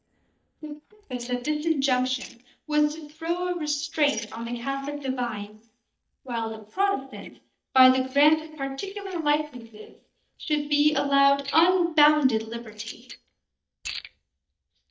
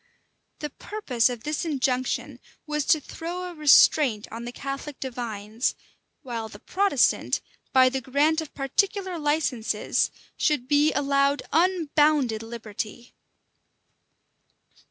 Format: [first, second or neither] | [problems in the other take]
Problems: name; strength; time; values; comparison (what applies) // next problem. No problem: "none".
second | noise reduction (neural mask model DeepFilterNet 3)